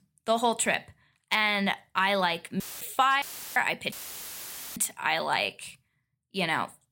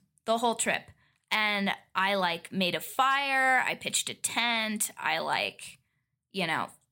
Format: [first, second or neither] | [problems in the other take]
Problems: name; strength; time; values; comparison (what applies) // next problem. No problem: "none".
second | audio cutting out; filled with static; at 2.5 s, at 3 s and at 4 s for 1 s